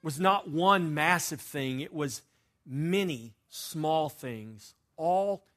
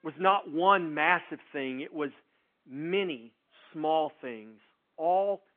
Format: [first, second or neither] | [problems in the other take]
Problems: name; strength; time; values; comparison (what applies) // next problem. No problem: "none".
first | phone-call audio; nothing above 3.5 kHz